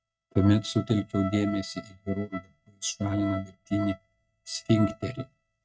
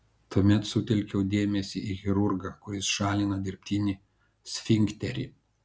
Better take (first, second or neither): second